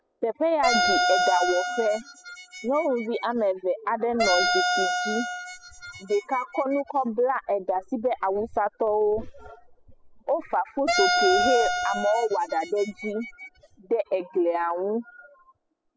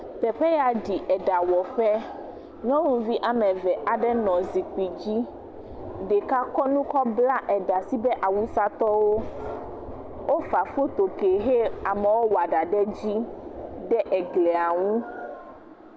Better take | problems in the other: second | noise reduction (classical method spectral subtraction)

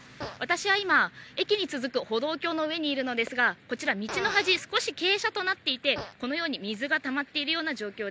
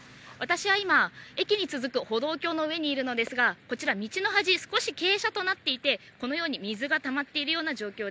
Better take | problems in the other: second | background sound (Fart); 18 dB below the speech

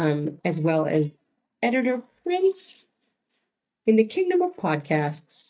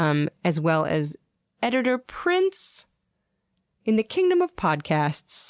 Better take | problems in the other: second | noise reduction (neural mask model DeepFilterNet 3)

